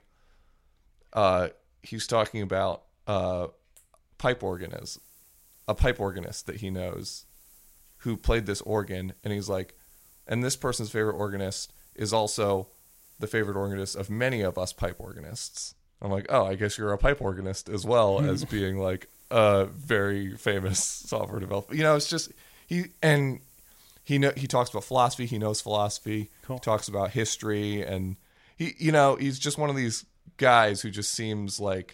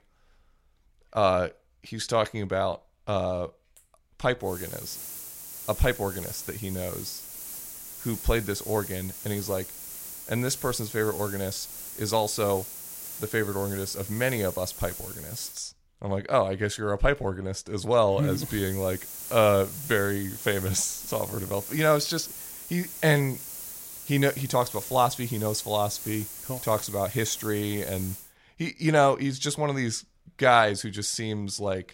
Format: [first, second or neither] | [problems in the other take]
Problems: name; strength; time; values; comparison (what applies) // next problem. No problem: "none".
first | hiss; loud; from 4.5 to 16 s and from 18 to 28 s; 9 dB below the speech; faint in the first